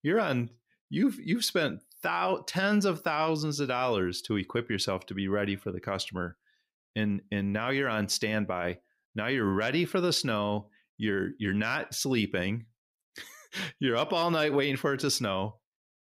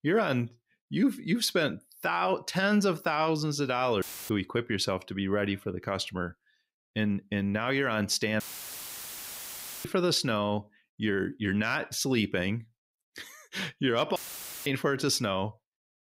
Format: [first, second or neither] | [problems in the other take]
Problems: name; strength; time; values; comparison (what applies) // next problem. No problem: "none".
first | audio cutting out; filled with static; at 4 s, at 8.5 s for 1.5 s and at 14 s for 0.5 s